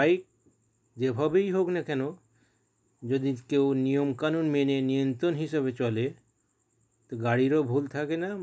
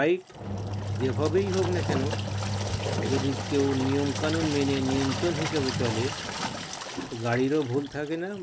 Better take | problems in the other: first | background sound (Engine); 3 dB below the speech

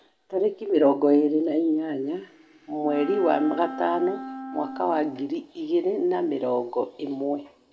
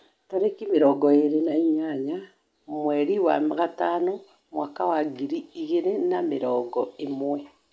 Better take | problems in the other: second | background sound (Wind instrument, woodwind instrument); 12 dB below the speech // room echo; dies away in 1.4 s

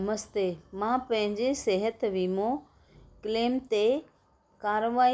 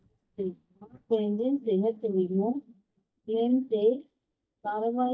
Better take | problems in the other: first | noise reduction (neural mask model DeepFilterNet 3)

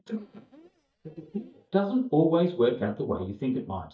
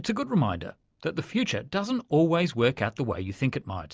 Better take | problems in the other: second | noise reduction (neural mask model DeepFilterNet 3)

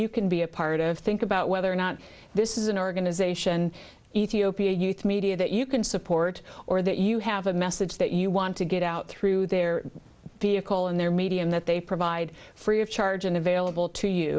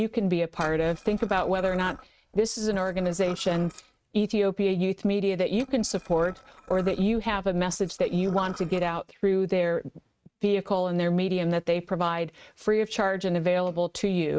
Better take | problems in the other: first | noise reduction (neural mask model RNNoise)

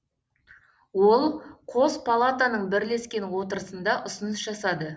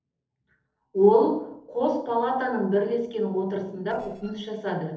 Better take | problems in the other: first | noise reduction (neural separator model SepFormer DNS4)

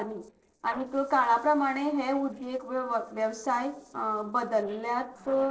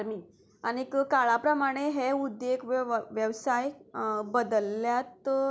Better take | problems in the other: second | noise reduction (neural separator model SepFormer DNS4)

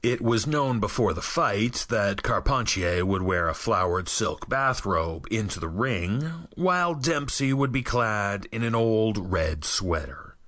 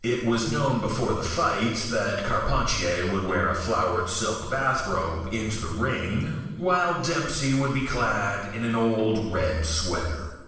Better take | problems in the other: first | noise reduction (neural separator model SepFormer DNS4)

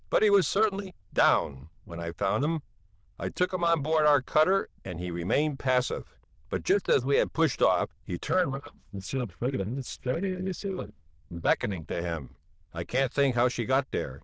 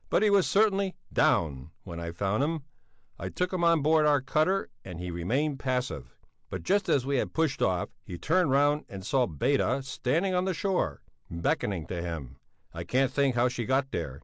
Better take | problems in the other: second | noise reduction (neural diffusion model UNIVERSE++)

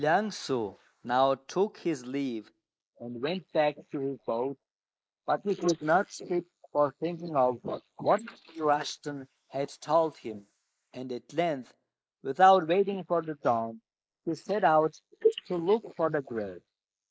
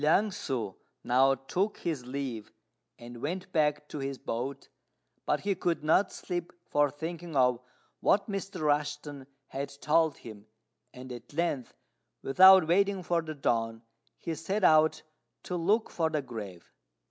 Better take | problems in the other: second | noise reduction (neural mask model Resemble Enhance denoiser)

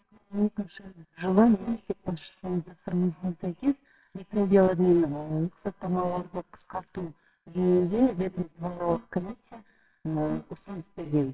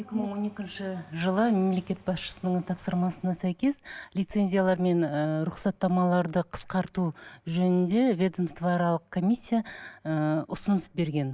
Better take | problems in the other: second | noise reduction (neural separator model SepFormer WHAMR!)

